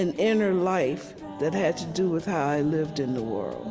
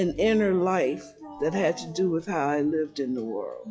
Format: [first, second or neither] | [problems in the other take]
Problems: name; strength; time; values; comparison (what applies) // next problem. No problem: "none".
first | noise reduction (classical method log-MMSE)